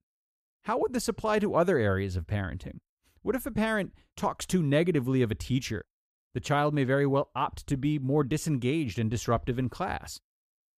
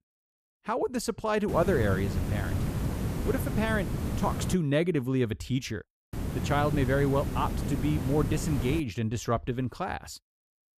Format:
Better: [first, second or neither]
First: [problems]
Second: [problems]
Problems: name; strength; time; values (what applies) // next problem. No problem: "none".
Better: first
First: none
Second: hiss; loud; from 1.5 to 4.5 s and from 6 to 9 s; 3 dB below the speech